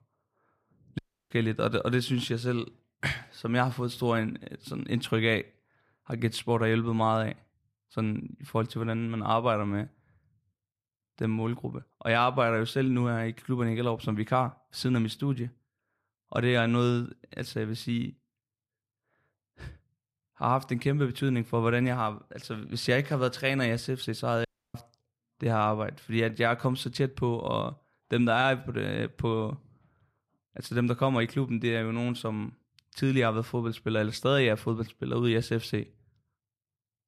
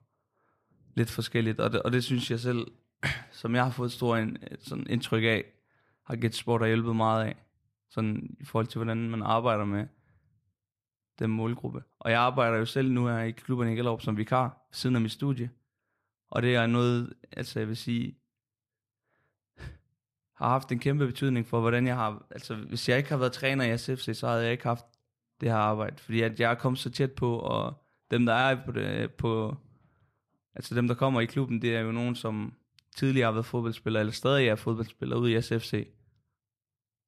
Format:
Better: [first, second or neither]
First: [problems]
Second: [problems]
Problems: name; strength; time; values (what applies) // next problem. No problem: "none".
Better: second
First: audio cutting out; at 1 s and at 24 s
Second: none